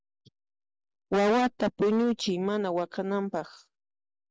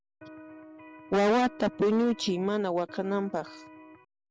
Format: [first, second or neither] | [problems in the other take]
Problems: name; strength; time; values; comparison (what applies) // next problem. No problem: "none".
first | background sound (Electric guitar); 19 dB below the speech